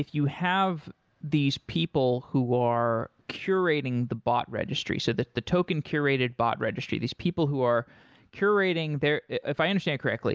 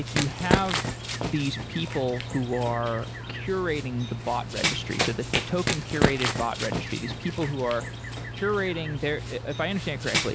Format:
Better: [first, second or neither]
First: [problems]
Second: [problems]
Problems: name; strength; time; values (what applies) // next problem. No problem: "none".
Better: first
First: none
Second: background sound (Run); 1 dB below the speech